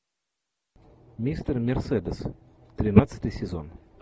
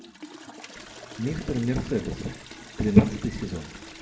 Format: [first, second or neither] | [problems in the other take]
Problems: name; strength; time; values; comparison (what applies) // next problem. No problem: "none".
first | background sound (Toilet flush); 16 dB below the speech // room echo; dies away in 0.4 s